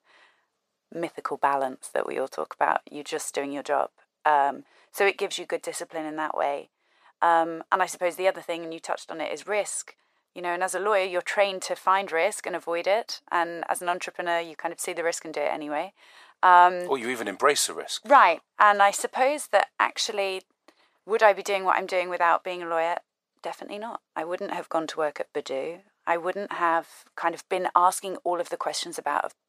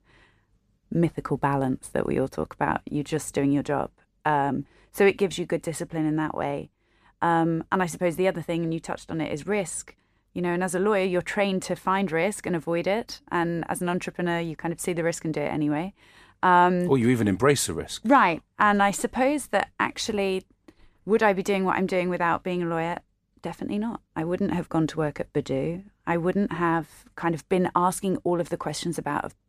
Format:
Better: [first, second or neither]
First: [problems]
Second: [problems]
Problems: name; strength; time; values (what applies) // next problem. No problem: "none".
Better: second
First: thin; very; fading below 600 Hz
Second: none